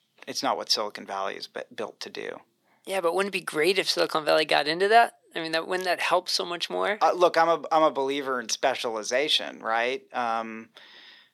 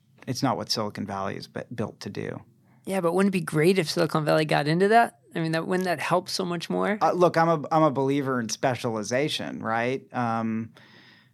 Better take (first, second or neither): second